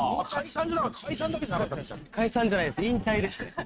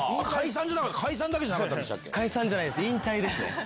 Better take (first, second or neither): second